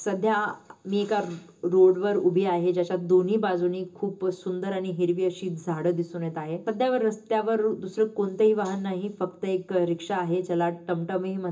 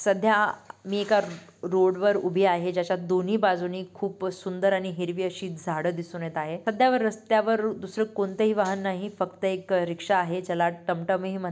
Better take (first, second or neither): second